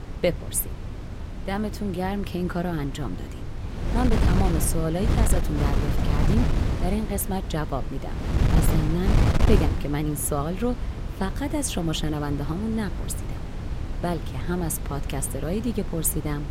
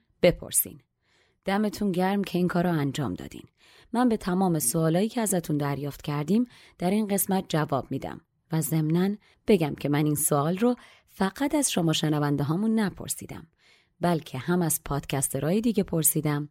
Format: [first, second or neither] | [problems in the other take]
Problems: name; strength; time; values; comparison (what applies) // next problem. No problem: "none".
second | wind noise on the microphone; heavy; 5 dB below the speech